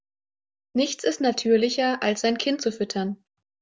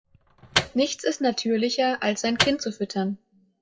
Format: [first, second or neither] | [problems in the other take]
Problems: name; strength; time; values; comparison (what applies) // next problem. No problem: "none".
first | noise reduction (classical method WPE with log-MMSE)